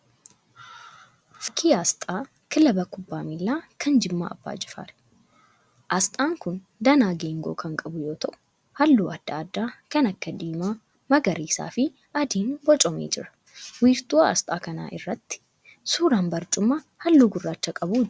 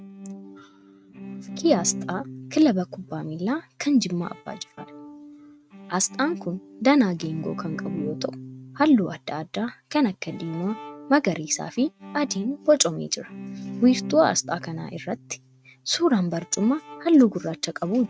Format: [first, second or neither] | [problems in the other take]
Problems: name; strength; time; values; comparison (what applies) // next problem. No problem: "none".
first | noise reduction (neural mask model RNNoise)